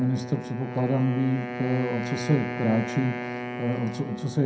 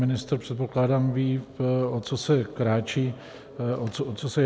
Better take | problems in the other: second | background sound (Wind instrument, woodwind instrument); 7 dB below the speech // room echo; dies away in 0.2 s

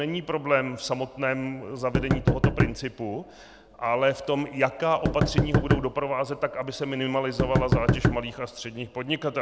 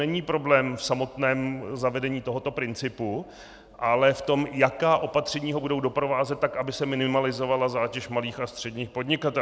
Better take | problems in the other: second | background sound (Knock); 1 dB above the speech

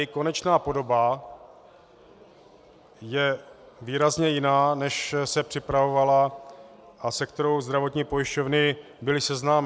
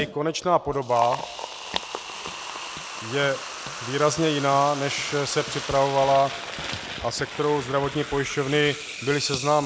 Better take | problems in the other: first | background sound (Liquid); 9 dB below the speech

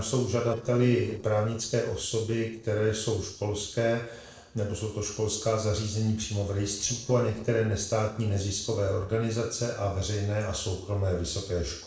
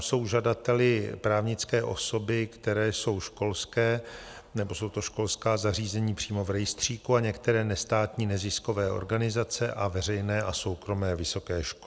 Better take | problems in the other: second | noise reduction (neural separator model SepFormer DNS4)

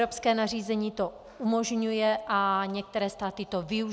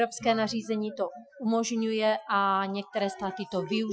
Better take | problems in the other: first | noise reduction (classical method Wiener filter)

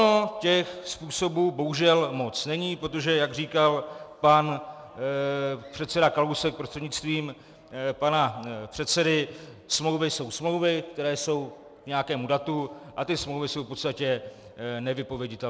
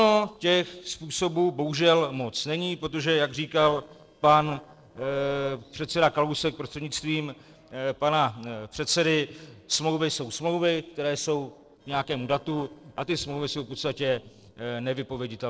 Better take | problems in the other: first | noise reduction (neural separator model SepFormer DNS4)

